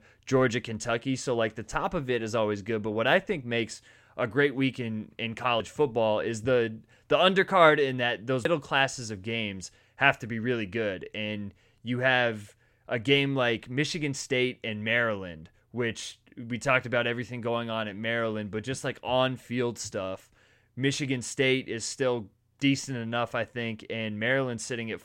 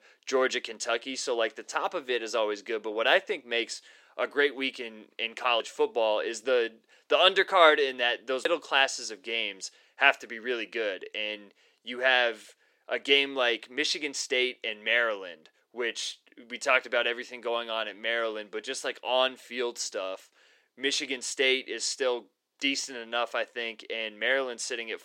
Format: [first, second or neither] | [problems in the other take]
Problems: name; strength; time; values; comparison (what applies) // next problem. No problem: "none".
first | thin; somewhat; fading below 350 Hz